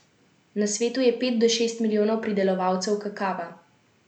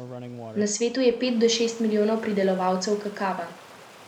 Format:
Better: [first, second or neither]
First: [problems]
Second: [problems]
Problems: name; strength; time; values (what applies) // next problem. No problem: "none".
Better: first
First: none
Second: background sound (Stream); 18 dB below the speech